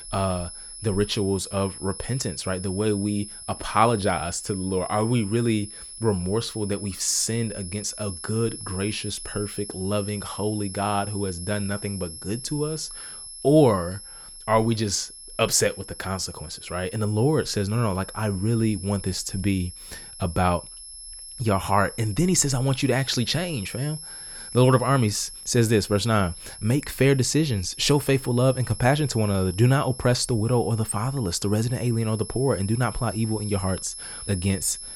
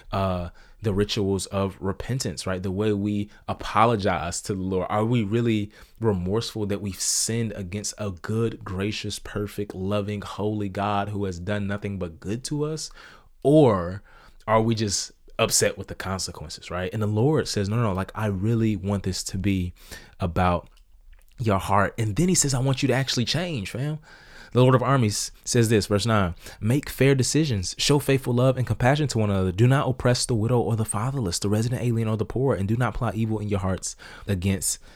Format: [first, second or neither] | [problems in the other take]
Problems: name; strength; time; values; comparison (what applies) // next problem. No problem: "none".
second | high-pitched whine; noticeable; throughout; 11 kHz, 10 dB below the speech